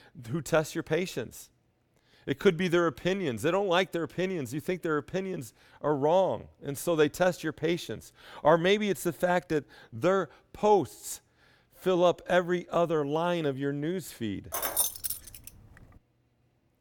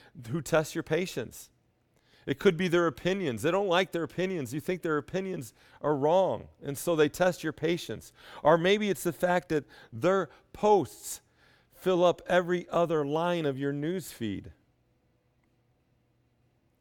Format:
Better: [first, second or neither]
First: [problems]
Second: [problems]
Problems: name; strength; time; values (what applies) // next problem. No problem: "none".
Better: second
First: jangling keys; loud; at 15 s; peak 2 dB above the speech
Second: none